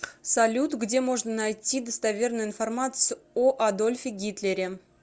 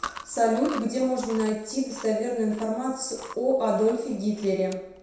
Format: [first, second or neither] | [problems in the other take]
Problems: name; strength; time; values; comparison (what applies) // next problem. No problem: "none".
first | background sound (Chewing, mastication); 17 dB below the speech // room echo; dies away in 0.7 s